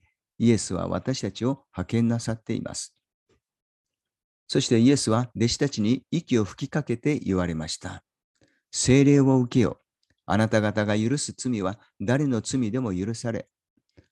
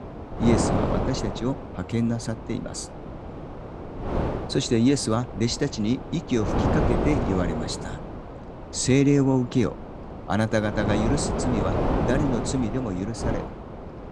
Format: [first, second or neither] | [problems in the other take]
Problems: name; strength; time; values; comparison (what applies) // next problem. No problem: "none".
first | wind noise on the microphone; heavy; 3 dB below the speech